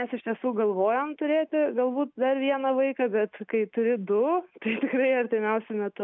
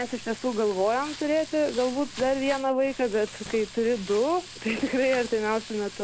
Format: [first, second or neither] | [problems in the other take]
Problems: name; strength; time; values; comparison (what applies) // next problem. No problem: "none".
first | background sound (Frying (food)); 15 dB below the speech